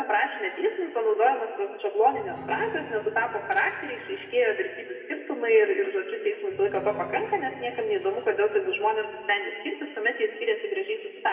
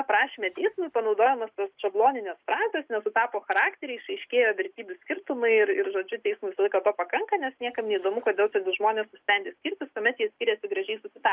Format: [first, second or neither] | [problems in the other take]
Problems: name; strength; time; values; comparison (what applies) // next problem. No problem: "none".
second | background sound (Piano); 20 dB below the speech // room echo; dies away in 2.3 s